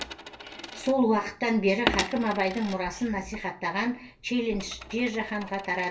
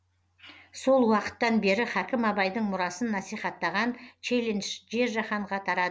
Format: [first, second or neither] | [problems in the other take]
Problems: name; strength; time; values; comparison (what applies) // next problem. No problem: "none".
second | background sound (Coin (dropping)); 9 dB below the speech // room echo; dies away in 0.2 s